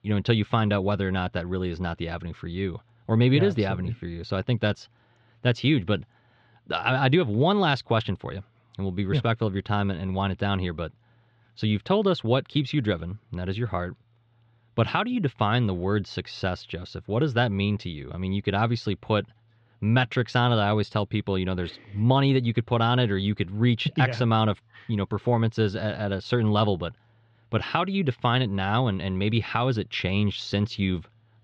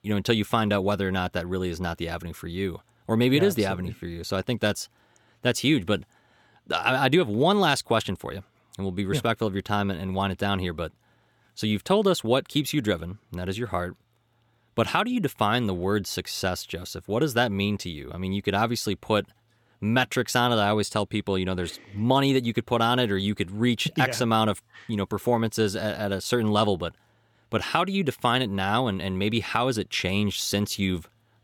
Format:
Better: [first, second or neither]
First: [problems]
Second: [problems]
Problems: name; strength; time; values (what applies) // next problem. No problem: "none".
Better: second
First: muffled; very slightly; fading above 4 kHz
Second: none